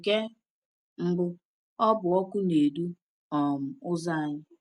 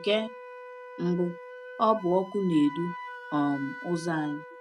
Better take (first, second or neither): first